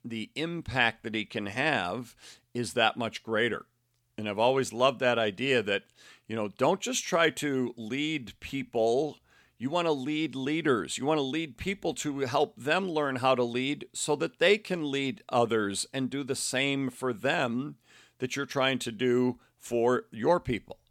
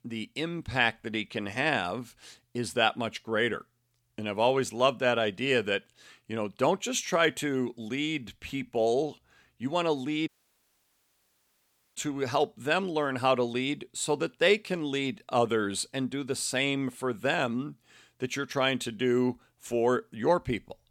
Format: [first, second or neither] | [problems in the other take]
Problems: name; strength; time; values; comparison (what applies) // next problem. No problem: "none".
first | audio cutting out; at 10 s for 1.5 s